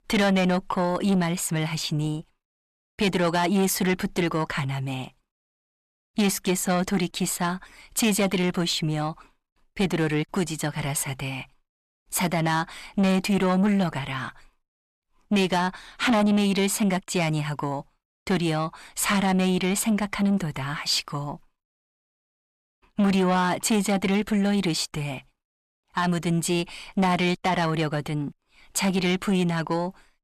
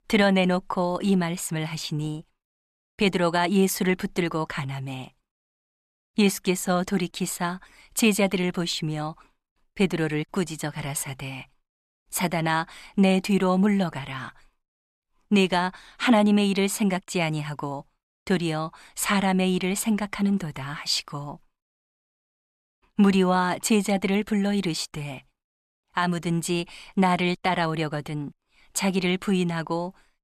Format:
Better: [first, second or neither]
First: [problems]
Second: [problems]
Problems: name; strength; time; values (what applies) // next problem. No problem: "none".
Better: second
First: distortion; slight; 10 dB below the speech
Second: none